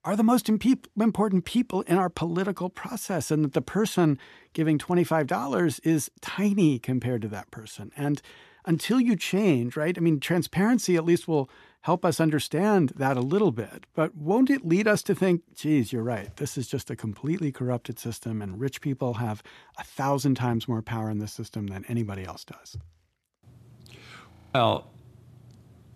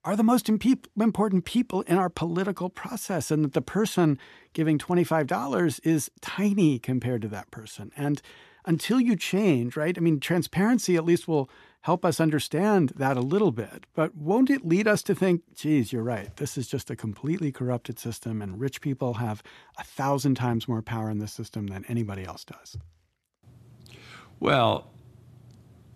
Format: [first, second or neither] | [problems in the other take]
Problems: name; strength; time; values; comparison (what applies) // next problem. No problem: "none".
second | audio freezing; at 24 s